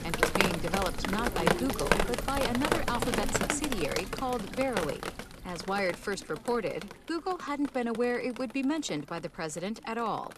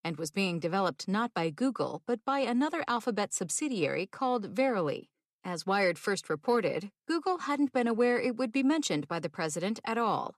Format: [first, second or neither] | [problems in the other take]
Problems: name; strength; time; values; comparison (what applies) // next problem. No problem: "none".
second | rain or running water; very loud; throughout; 2 dB above the speech